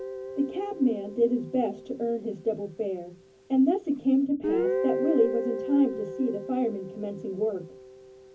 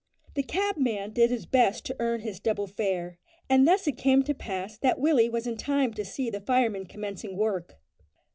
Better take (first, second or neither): second